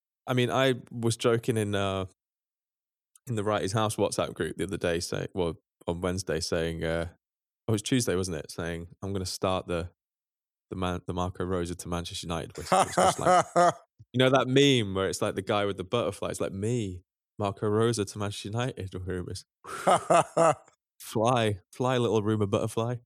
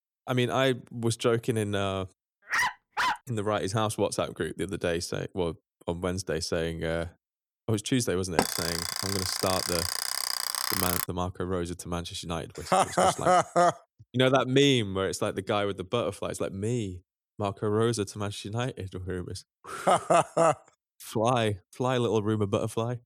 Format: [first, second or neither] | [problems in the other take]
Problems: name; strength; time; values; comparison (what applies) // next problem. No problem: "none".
first | dog barking; loud; at 2.5 s; peak 1 dB above the speech // alarm; loud; from 8.5 to 11 s; peak 2 dB above the speech